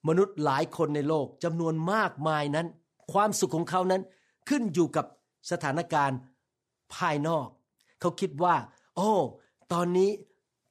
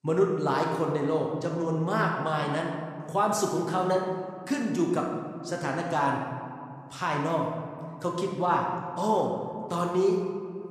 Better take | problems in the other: first | room echo; noticeable; dies away in 1.6 s // off-mic speech; somewhat distant

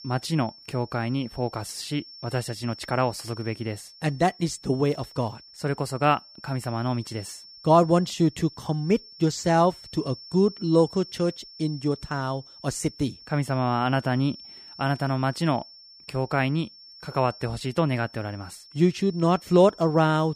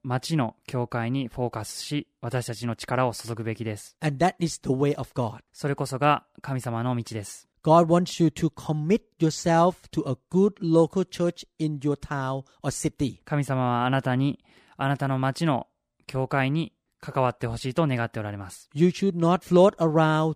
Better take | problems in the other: second | high-pitched whine; noticeable; throughout; 5.5 kHz, 20 dB below the speech

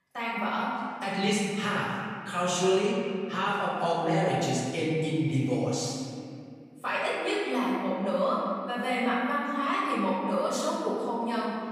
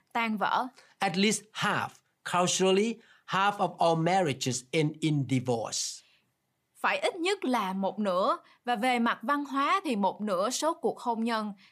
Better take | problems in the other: second | off-mic speech; far // room echo; strong; dies away in 2.2 s

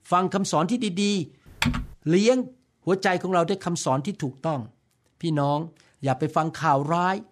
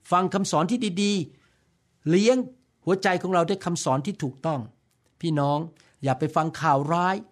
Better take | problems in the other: second | keyboard typing; noticeable; at 1.5 s; peak 2 dB below the speech

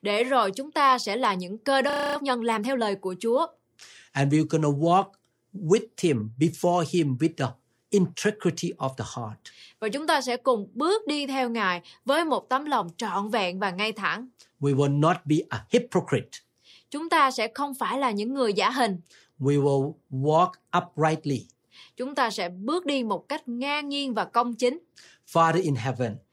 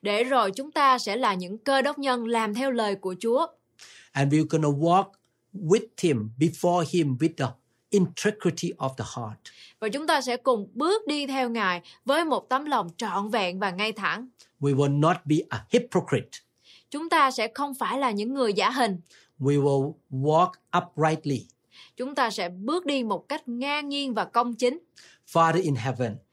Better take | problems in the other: second | audio freezing; at 2 s

